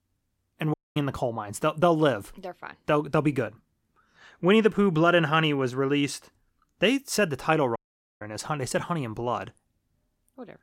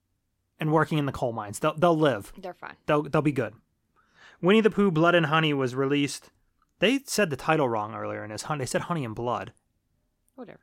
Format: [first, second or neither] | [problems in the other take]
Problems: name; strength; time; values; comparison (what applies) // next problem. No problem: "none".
second | audio cutting out; at 0.5 s and at 8 s